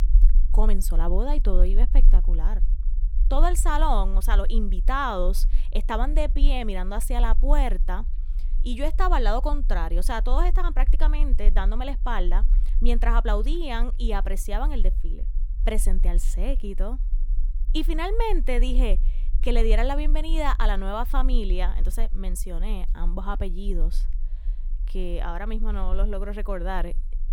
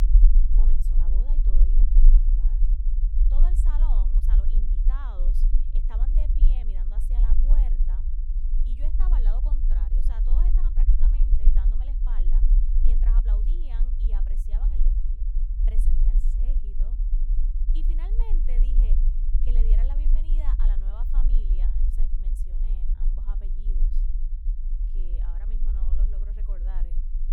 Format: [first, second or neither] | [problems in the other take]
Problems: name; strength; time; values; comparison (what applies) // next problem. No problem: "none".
first | low rumble; loud; throughout; as loud as the speech; faint in the first